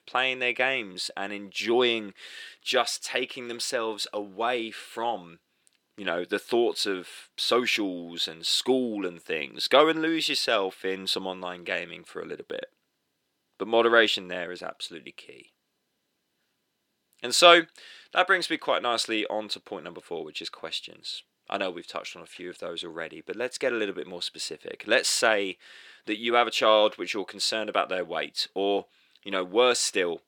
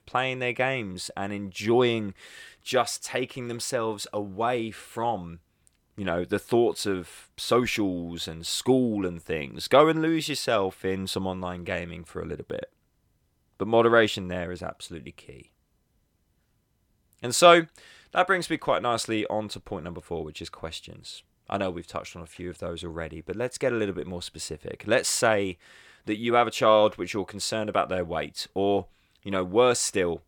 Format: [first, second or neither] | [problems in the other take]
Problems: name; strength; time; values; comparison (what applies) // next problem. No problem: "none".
second | thin; very slightly; fading below 300 Hz